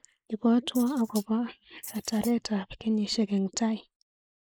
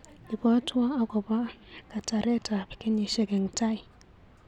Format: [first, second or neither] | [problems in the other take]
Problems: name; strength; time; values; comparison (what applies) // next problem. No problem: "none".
second | noise reduction (neural mask model Resemble Enhance denoiser)